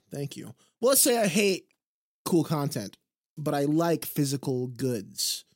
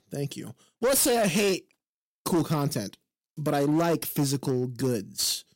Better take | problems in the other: first | distortion; slight; 10% of the sound clipped

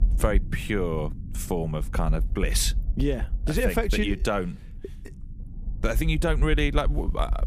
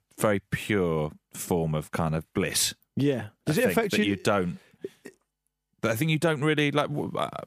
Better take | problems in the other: second | low rumble; faint; throughout; 20 dB below the speech

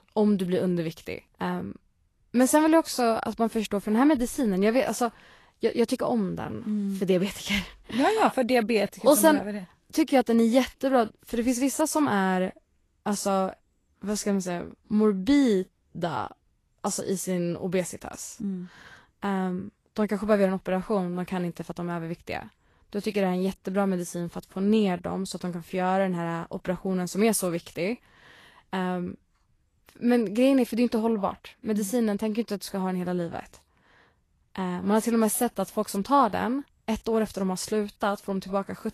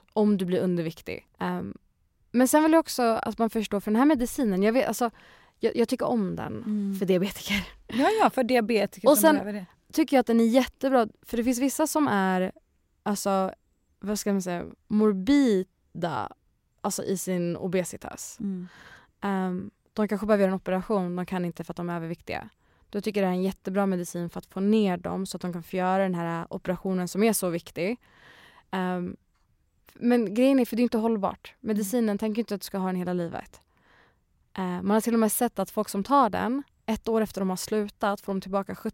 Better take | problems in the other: second | garbled, watery; slightly; nothing above 12.5 kHz

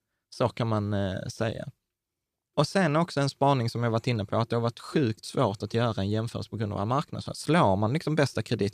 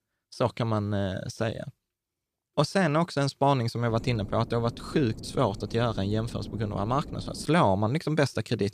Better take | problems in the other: first | wind noise on the microphone; faint; from 4 to 7.5 s; 20 dB below the speech

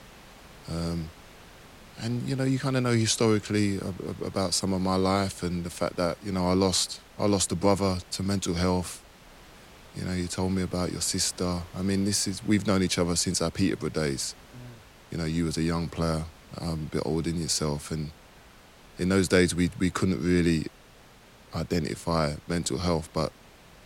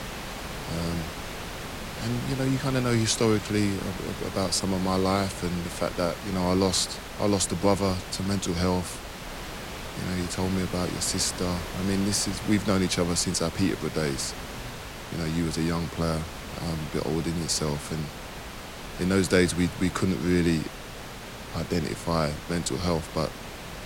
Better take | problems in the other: first | hiss; loud; throughout; 10 dB below the speech; faint in the first

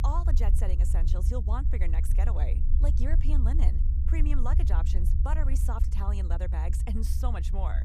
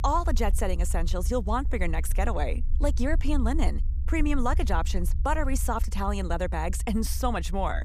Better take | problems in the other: second | low rumble; loud; throughout; 6 dB below the speech; faint in the second

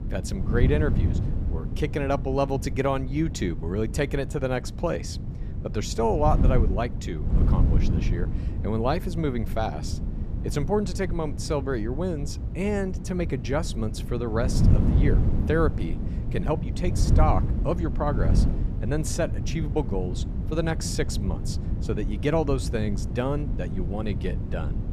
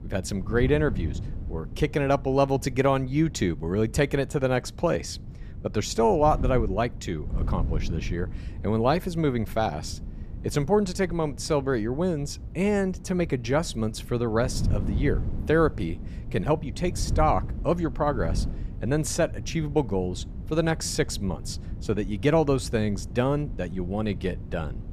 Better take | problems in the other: second | wind noise on the microphone; heavy; 10 dB below the speech; occasional gusts in the second

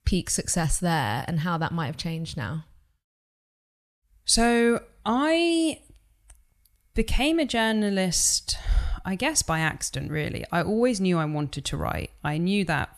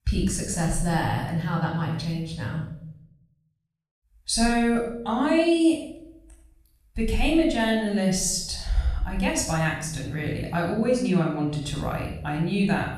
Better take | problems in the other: first | off-mic speech; far // room echo; noticeable; dies away in 0.6 s

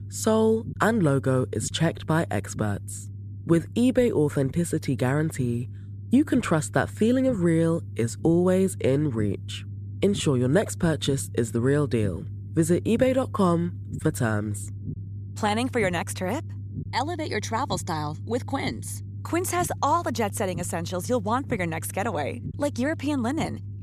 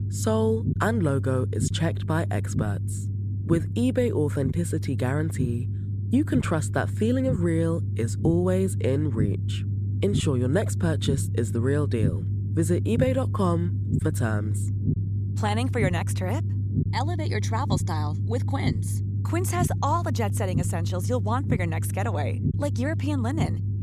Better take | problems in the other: first | low rumble; loud; throughout; 10 dB below the speech; faint in the first

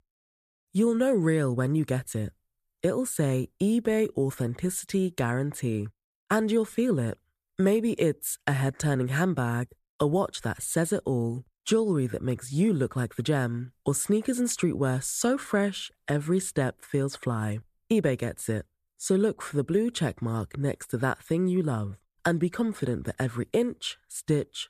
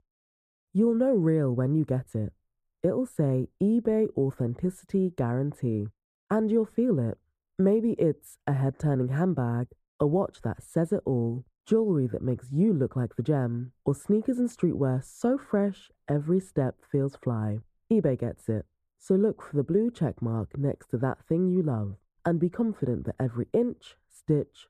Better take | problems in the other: first | muffled; very; fading above 1.5 kHz

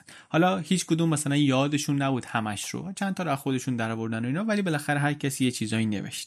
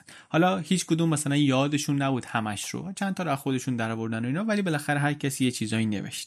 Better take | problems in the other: neither | none

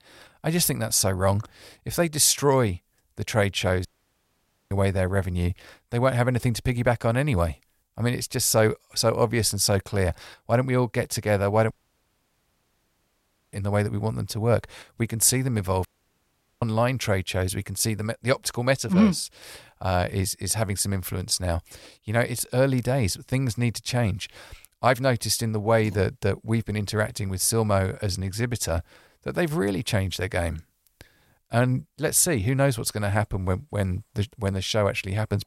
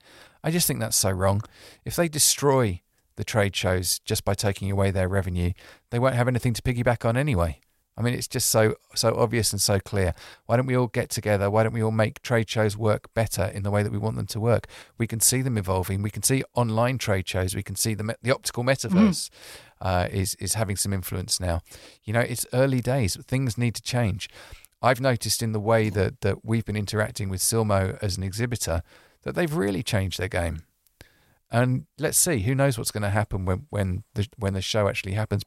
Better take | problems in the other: second | audio cutting out; at 4 s for 1 s, at 12 s for 2 s and at 16 s for 1 s

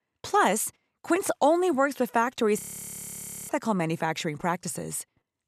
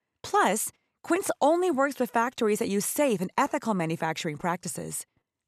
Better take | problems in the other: second | audio freezing; at 2.5 s for 1 s

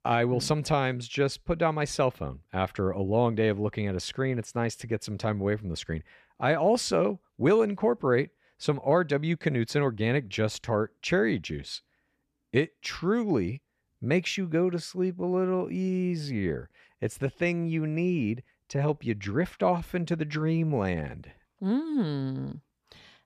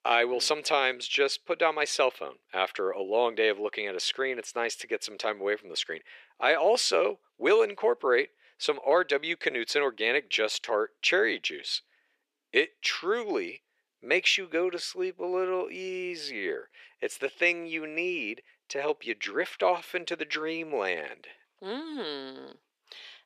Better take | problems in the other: first | thin; very; fading below 400 Hz

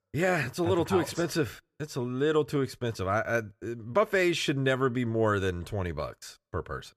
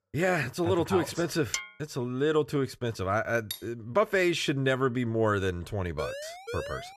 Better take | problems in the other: first | clattering dishes; noticeable; at 1.5 s; peak 5 dB below the speech // clattering dishes; faint; at 3.5 s; peak 10 dB below the speech // siren; noticeable; at 6 s; peak 9 dB below the speech

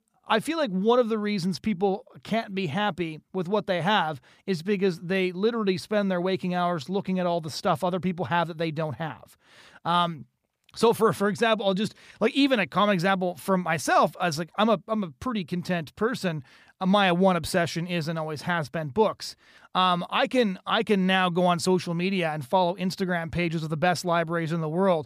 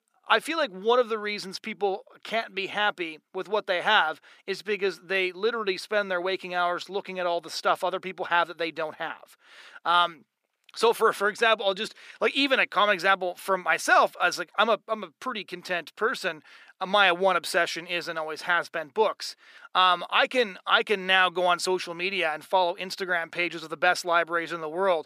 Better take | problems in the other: first | thin; somewhat; fading below 350 Hz

